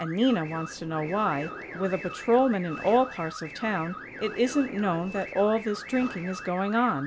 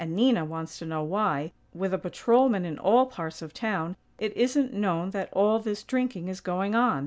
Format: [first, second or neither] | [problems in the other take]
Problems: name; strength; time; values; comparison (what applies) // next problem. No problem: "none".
second | background sound (Train + Alarm / Car); 13 dB below the speech